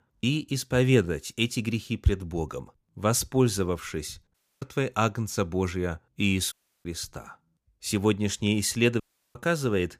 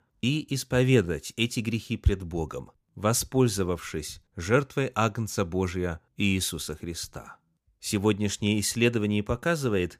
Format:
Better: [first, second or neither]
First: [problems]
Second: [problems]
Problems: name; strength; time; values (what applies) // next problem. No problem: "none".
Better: second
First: audio cutting out; at 4.5 s, at 6.5 s and at 9 s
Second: none